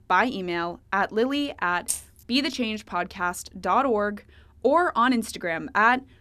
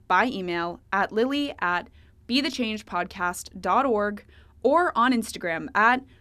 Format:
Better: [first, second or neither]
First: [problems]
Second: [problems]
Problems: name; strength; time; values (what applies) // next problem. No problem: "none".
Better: second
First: jangling keys; noticeable; at 2 s; peak 5 dB below the speech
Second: none